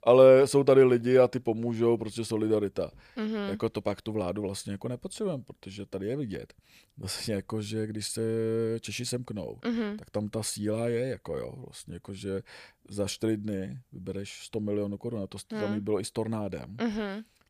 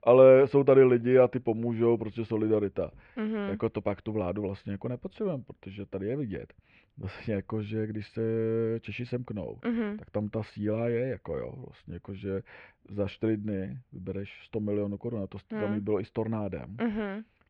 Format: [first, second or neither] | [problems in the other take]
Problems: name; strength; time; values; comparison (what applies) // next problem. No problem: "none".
first | muffled; very; fading above 2.5 kHz